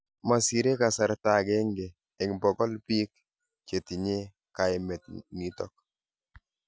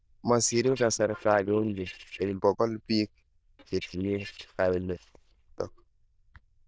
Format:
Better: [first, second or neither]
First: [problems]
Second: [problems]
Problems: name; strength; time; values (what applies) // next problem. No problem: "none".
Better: first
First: none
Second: noise reduction (neural diffusion model UNIVERSE++)